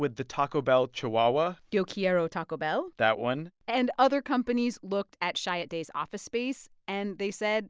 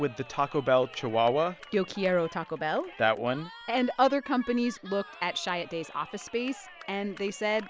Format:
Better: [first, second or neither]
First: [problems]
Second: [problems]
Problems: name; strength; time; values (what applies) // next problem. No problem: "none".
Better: first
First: none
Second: background sound (Cheering); 19 dB below the speech